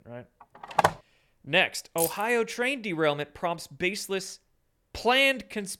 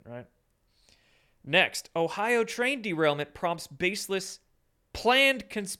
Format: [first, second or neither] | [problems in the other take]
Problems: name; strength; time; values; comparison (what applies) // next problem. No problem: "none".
second | phone ringing; loud; at 1 s; peak 1 dB above the speech // jangling keys; noticeable; at 2 s; peak 4 dB below the speech